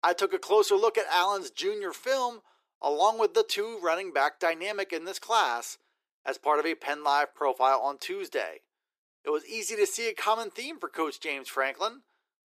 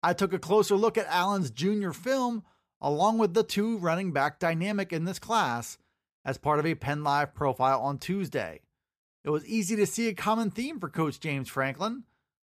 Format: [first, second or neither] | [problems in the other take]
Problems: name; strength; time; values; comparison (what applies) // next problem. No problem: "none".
second | thin; very; fading below 350 Hz